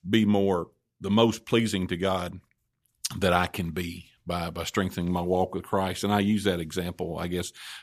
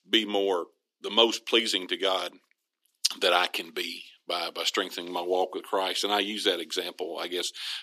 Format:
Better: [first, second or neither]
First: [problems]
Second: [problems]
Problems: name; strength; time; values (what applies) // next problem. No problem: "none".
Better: first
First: none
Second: thin; somewhat; fading below 300 Hz